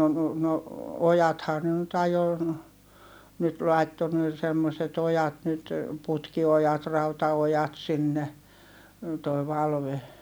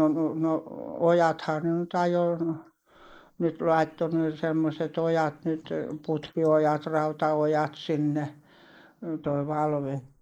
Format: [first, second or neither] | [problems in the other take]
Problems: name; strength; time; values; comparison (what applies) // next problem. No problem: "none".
first | noise reduction (neural mask model Resemble Enhance denoiser)